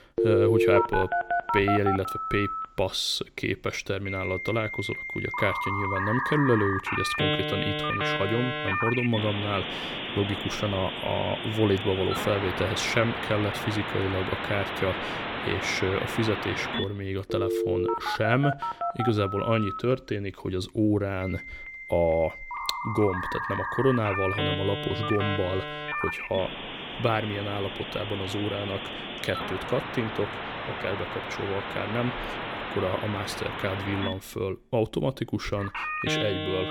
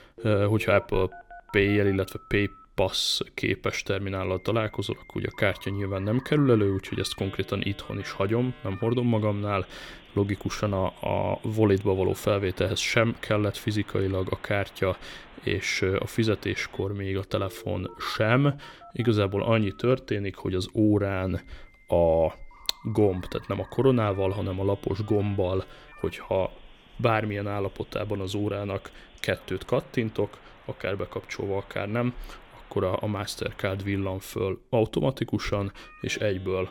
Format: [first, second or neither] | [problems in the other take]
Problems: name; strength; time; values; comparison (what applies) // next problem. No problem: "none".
second | alarms or sirens; loud; throughout; 2 dB below the speech; faint in the second